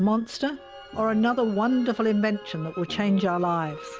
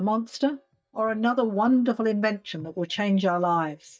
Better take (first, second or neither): first